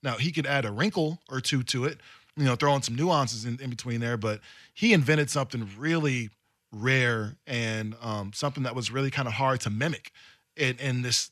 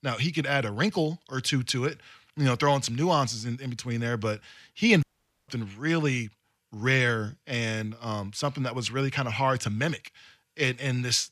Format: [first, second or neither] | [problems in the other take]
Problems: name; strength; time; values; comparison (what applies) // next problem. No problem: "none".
first | audio cutting out; at 5 s